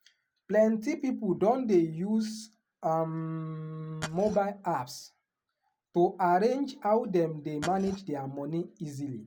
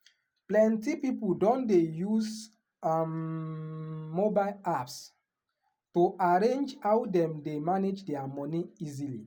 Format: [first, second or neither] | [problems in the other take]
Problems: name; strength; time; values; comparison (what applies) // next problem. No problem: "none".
second | background sound (Glass); 11 dB below the speech